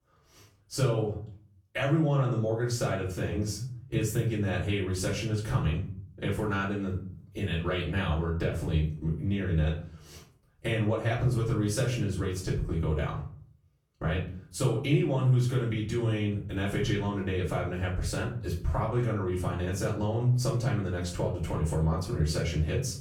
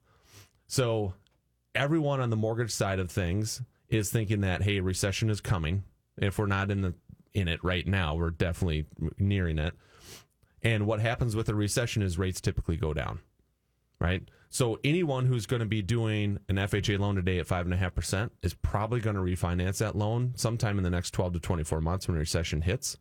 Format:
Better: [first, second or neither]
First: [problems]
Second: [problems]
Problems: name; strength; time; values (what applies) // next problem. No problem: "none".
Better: second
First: off-mic speech; far // room echo; slight; dies away in 0.4 s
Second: none